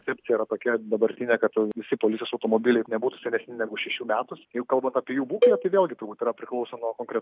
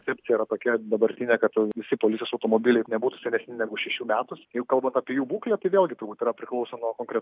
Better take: second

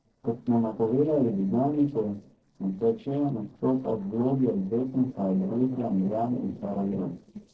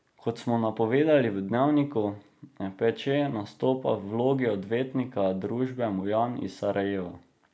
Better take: second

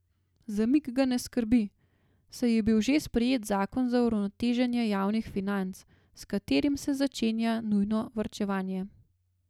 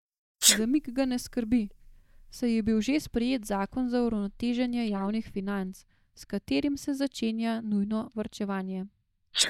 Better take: first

